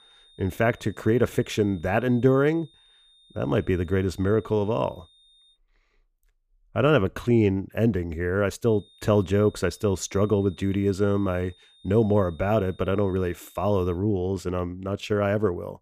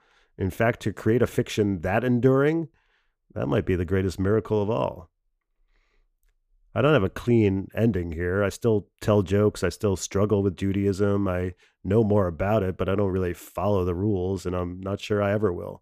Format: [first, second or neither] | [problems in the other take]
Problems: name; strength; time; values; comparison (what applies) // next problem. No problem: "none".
second | high-pitched whine; faint; until 5.5 s and from 8.5 to 14 s; 3.5 kHz, 30 dB below the speech